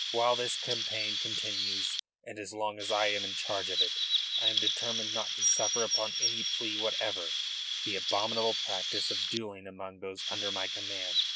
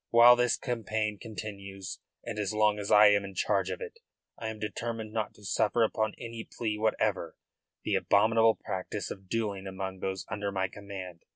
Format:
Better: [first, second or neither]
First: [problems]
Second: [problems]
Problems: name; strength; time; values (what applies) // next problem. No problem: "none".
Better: second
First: background sound (Chirp, tweet); 4 dB above the speech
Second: none